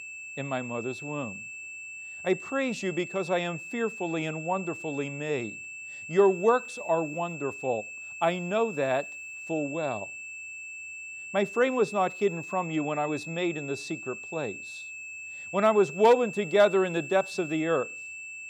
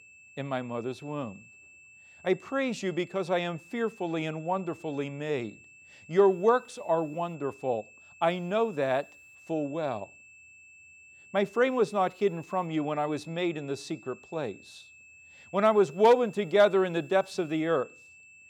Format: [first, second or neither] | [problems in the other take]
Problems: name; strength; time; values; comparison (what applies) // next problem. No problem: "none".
second | high-pitched whine; loud; throughout; 2.5 kHz, 10 dB below the speech; faint in the second